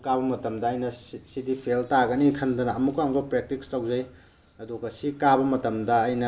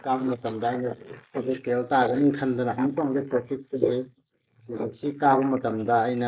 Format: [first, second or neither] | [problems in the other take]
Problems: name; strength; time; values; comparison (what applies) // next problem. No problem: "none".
first | noise reduction (neural mask model Resemble Enhance denoiser)